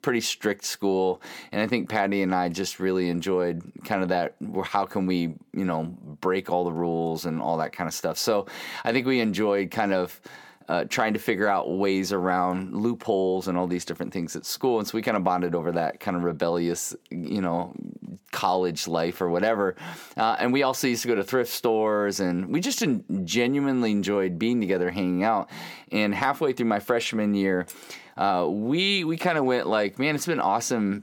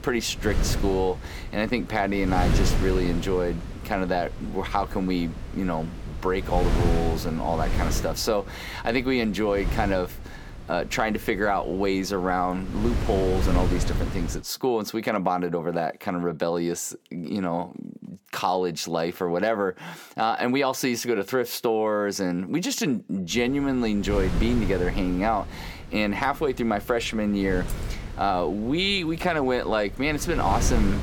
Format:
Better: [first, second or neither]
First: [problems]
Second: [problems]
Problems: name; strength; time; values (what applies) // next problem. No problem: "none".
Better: first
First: none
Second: wind noise on the microphone; occasional gusts; until 14 s and from 23 s on; 10 dB below the speech